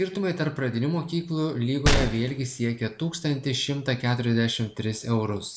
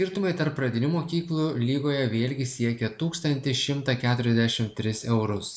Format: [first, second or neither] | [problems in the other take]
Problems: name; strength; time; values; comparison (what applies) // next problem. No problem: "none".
second | background sound (Gunshot, gunfire); 3 dB below the speech